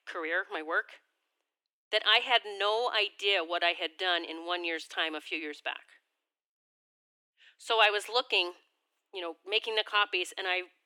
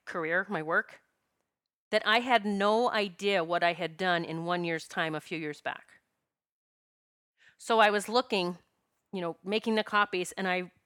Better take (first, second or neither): second